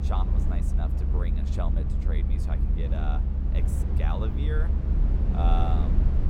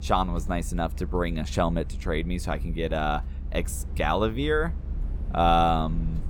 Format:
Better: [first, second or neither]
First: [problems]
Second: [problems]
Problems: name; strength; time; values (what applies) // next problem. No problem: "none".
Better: second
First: low rumble; loud; throughout; 3 dB below the speech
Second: low rumble; faint; throughout; 25 dB below the speech